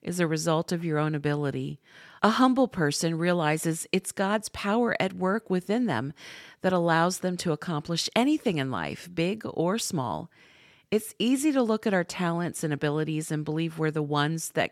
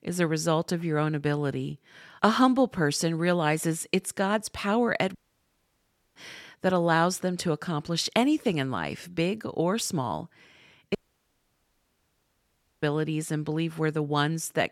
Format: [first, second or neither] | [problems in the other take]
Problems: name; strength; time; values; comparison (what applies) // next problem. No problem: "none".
first | audio cutting out; at 5 s for 1 s and at 11 s for 2 s